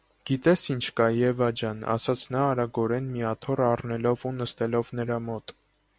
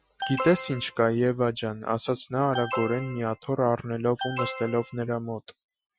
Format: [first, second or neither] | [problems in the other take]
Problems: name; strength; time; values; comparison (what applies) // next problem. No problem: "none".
first | noise reduction (classical method Wiener filter)